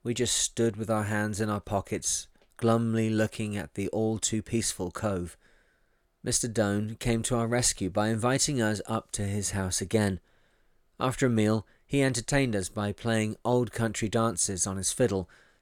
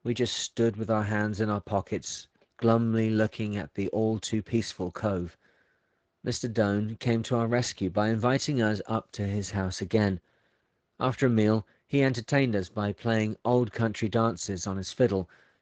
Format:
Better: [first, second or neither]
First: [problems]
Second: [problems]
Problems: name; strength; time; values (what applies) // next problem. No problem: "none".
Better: first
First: none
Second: garbled, watery; slightly